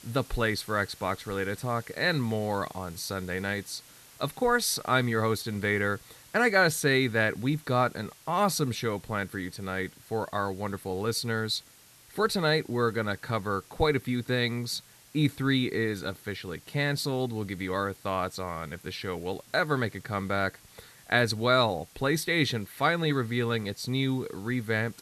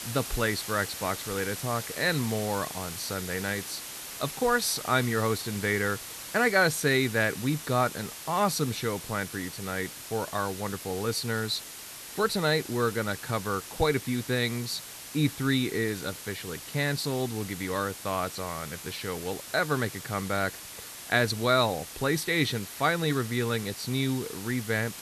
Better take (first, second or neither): first